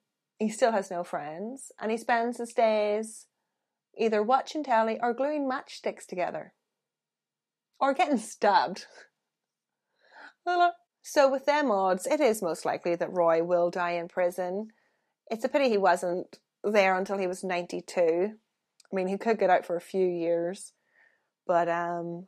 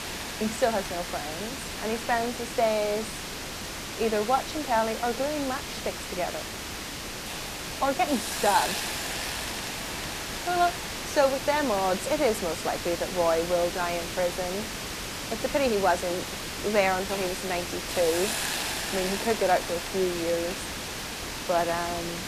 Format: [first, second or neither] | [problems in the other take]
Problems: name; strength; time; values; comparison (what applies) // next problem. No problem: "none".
first | hiss; loud; throughout; 4 dB below the speech